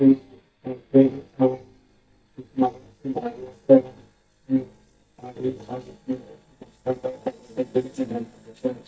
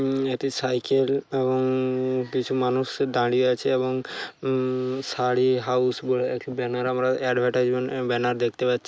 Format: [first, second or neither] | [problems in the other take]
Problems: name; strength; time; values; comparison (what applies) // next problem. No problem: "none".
second | noise reduction (neural mask model DeepFilterNet 3)